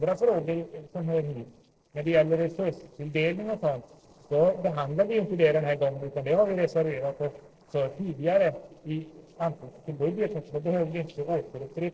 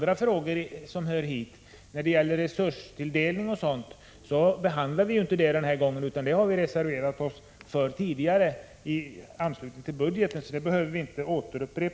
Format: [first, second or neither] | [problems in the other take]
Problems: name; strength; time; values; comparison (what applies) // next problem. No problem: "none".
second | noise reduction (neural separator model SepFormer DNS4)